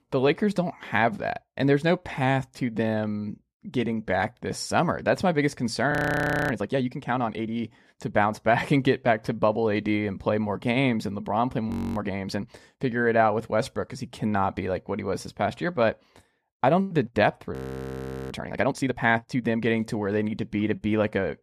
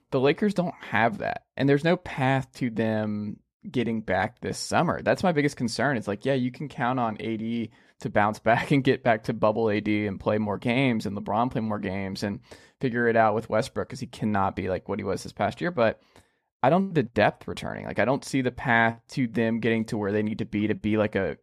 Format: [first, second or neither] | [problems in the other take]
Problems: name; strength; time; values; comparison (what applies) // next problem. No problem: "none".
second | audio freezing; at 6 s for 0.5 s, at 12 s and at 18 s for 1 s